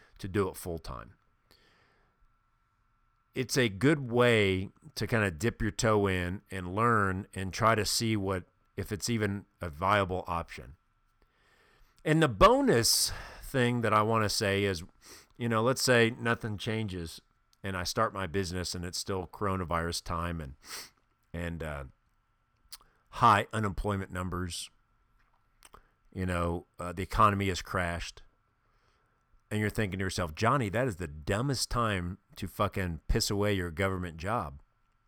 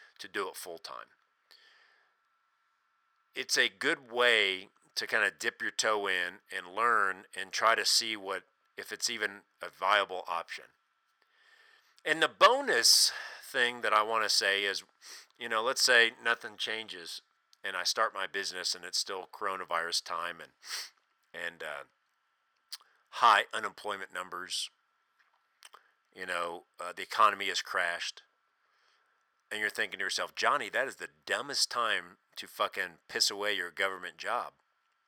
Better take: first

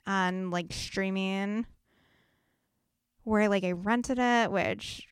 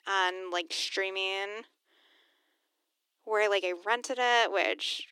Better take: first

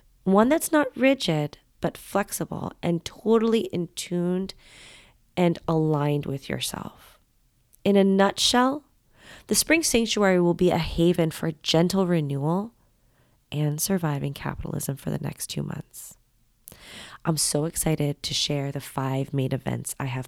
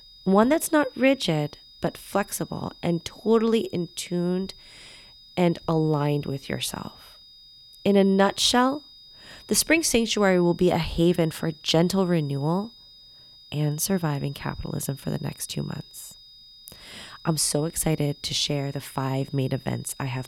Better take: first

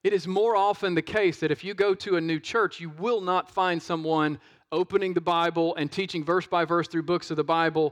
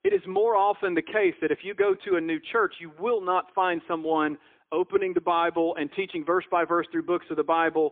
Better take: first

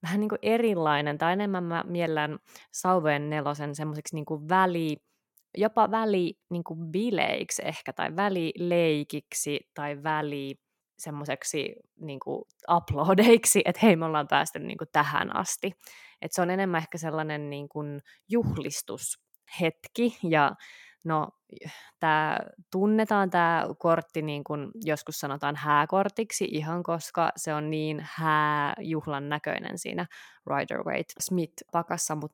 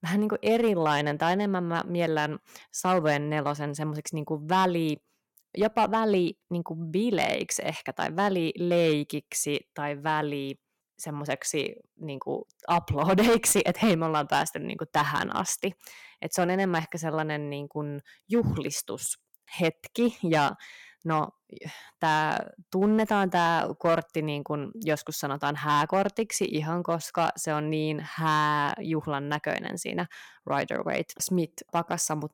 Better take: first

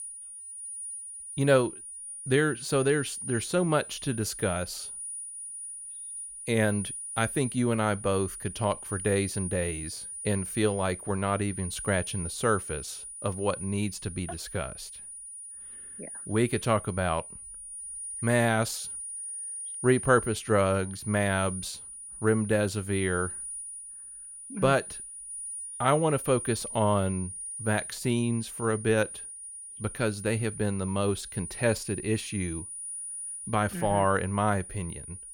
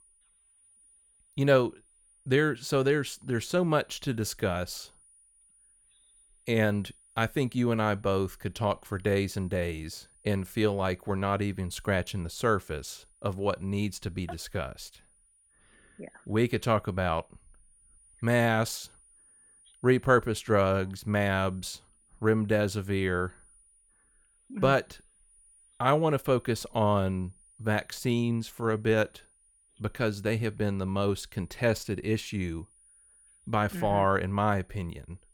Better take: second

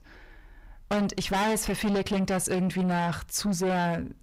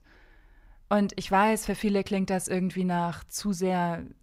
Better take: second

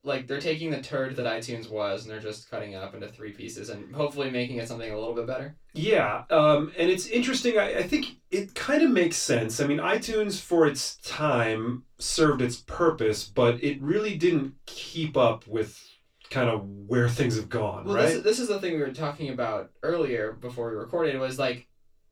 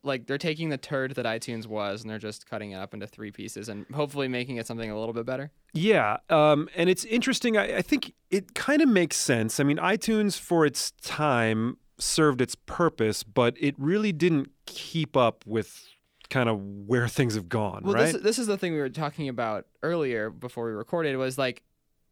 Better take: second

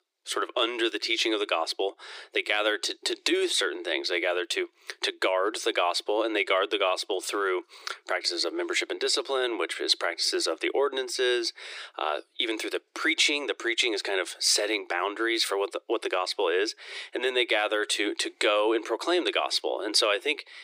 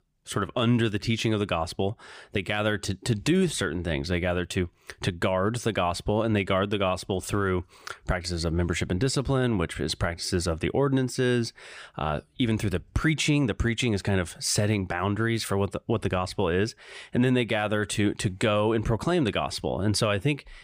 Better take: second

